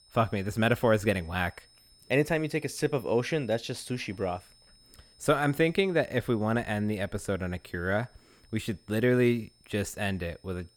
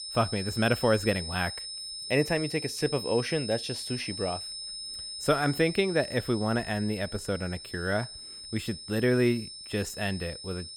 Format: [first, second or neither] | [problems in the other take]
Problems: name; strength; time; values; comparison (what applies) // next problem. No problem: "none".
first | high-pitched whine; loud; throughout; 5 kHz, 8 dB below the speech; faint in the first